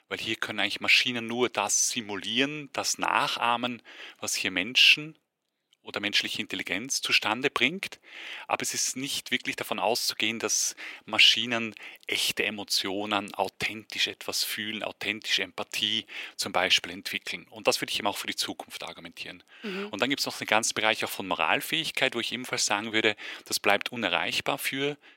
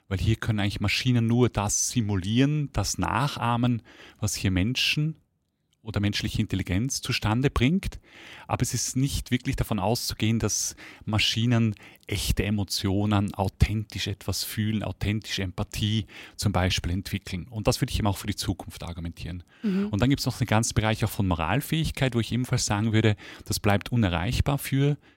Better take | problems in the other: second | thin; very; fading below 450 Hz

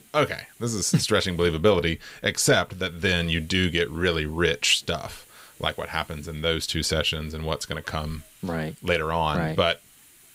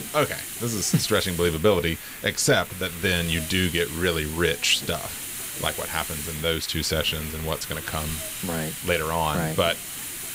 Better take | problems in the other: first | hiss; loud; throughout; 8 dB below the speech; faint in the first

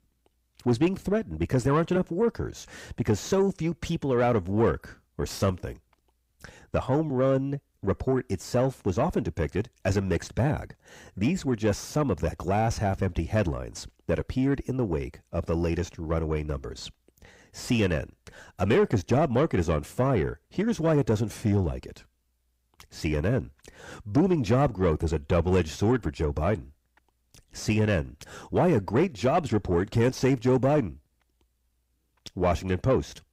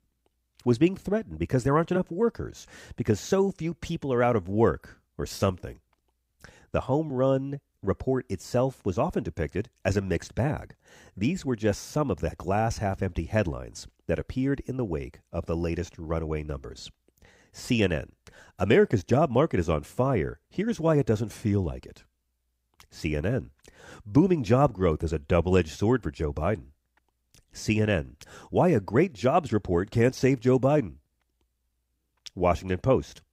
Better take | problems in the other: second | distortion; slight; 10 dB below the speech

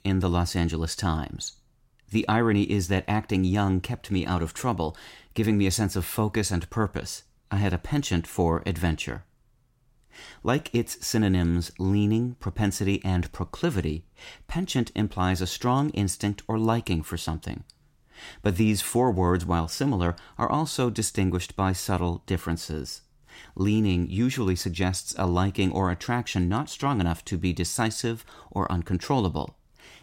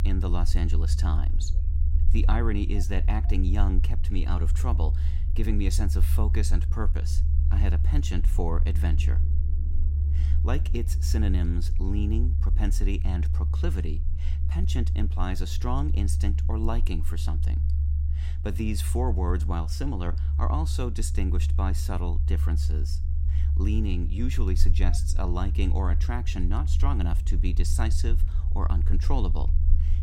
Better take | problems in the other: first | low rumble; loud; throughout; 8 dB below the speech

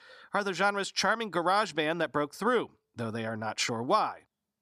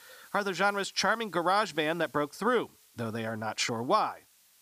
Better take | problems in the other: first | hiss; faint; throughout; 25 dB below the speech

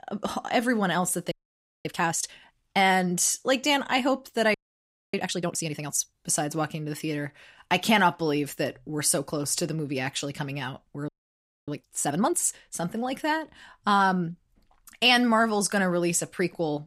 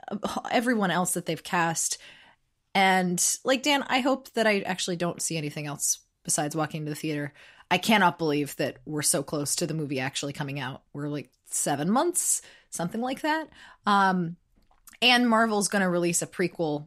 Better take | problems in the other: second | audio freezing; at 1.5 s for 0.5 s, at 4.5 s for 0.5 s and at 11 s for 0.5 s

